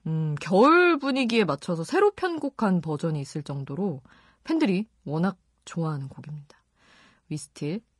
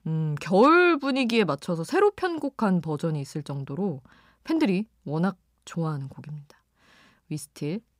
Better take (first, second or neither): second